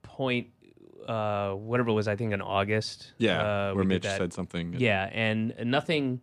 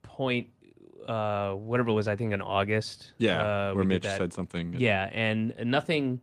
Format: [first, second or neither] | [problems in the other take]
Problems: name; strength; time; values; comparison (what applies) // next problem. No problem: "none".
first | garbled, watery; slightly